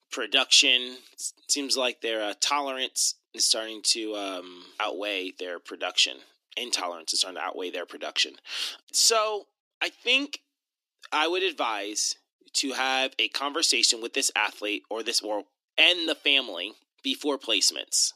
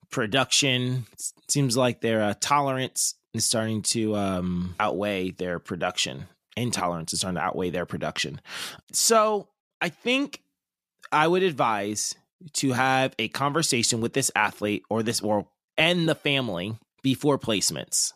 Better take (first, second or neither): second